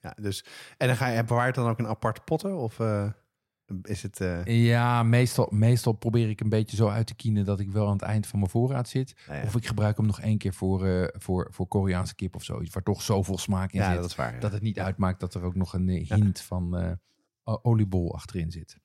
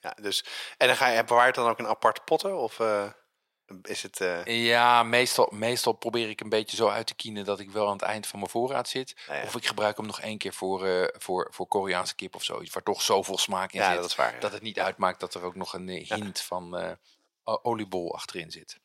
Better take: first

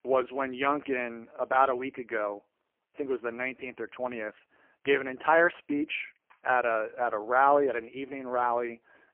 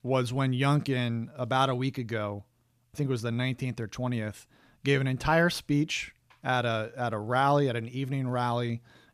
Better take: second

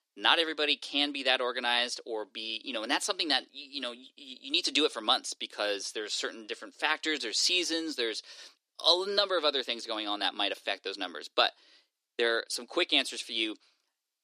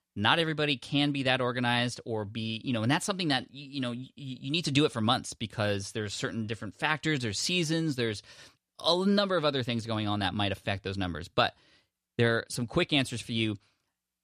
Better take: second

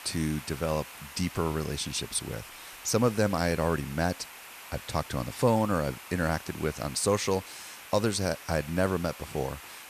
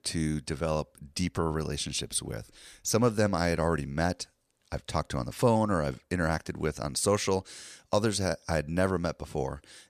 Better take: second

